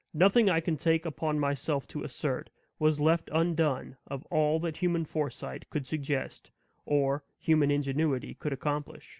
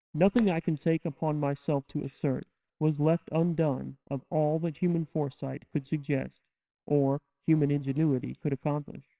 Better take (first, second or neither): first